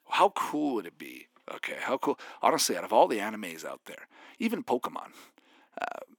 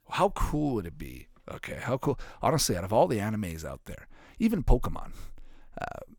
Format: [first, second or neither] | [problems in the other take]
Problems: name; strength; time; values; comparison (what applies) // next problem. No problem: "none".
second | thin; very slightly; fading below 250 Hz